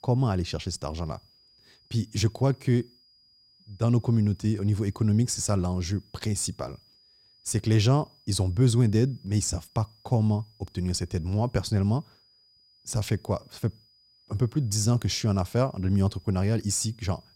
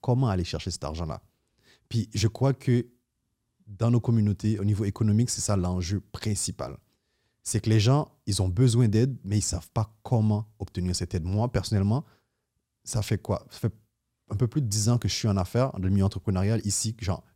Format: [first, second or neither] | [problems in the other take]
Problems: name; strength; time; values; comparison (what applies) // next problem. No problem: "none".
second | high-pitched whine; faint; throughout; 5 kHz, 30 dB below the speech